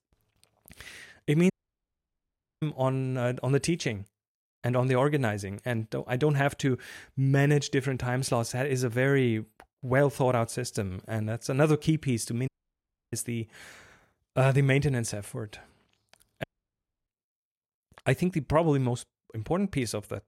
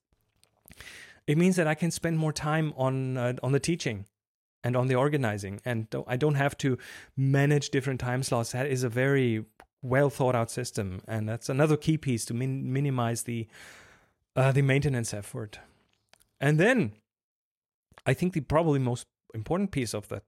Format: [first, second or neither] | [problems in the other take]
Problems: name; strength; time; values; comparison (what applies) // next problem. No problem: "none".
second | audio cutting out; at 1.5 s for 1 s, at 12 s for 0.5 s and at 16 s for 0.5 s